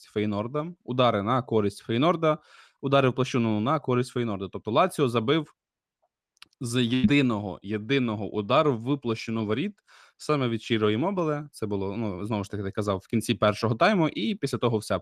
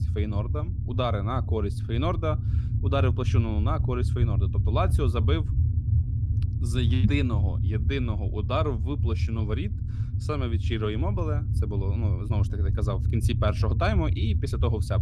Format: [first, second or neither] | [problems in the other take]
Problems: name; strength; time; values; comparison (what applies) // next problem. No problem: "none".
first | low rumble; loud; throughout; 9 dB below the speech